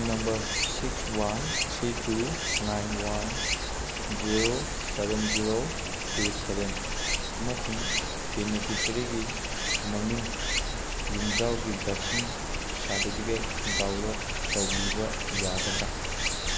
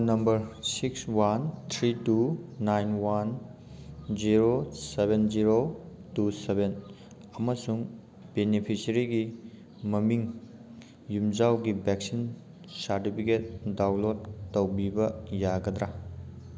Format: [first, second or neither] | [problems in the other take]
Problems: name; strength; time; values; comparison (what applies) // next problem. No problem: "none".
second | background sound (Stream); 3 dB above the speech